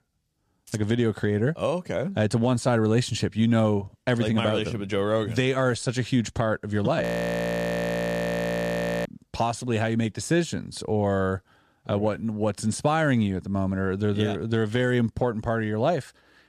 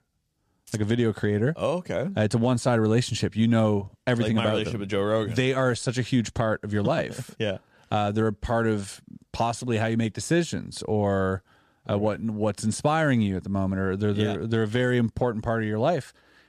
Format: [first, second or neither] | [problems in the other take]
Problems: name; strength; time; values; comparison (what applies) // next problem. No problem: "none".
second | audio freezing; at 7 s for 2 s